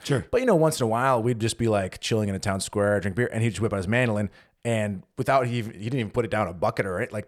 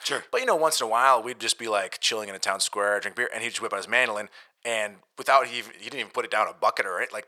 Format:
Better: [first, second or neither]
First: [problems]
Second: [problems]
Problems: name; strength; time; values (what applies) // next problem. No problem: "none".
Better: first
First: none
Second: thin; very; fading below 750 Hz